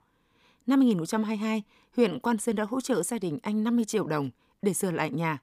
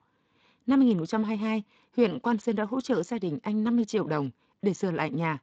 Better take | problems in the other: first | garbled, watery; slightly; nothing above 7.5 kHz

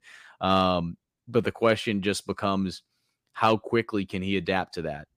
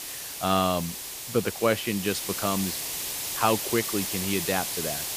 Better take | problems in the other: first | hiss; loud; throughout; 3 dB below the speech

